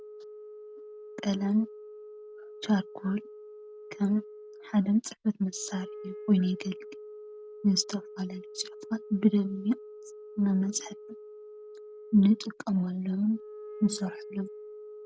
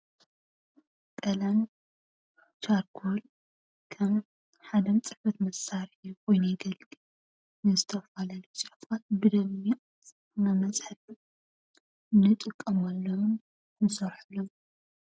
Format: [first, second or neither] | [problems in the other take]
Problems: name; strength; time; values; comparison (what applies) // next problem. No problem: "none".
second | background sound (Wind instrument, woodwind instrument); 15 dB below the speech